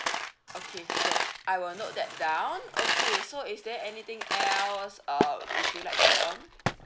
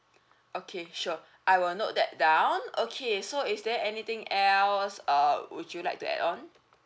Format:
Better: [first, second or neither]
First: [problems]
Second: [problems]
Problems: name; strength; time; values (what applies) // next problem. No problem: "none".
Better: second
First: background sound (Coin (dropping)); 3 dB above the speech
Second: none